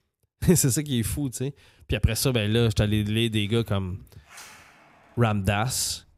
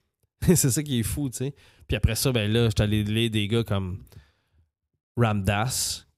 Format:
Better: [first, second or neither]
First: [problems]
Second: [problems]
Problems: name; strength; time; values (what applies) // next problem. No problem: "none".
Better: second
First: household noises; faint; from 3 s on; 25 dB below the speech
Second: none